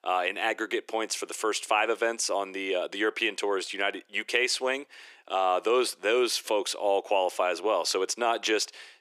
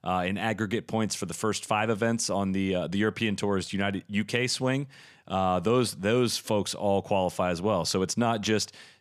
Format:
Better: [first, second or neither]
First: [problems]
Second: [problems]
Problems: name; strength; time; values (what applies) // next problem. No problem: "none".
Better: second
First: thin; very; fading below 350 Hz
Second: none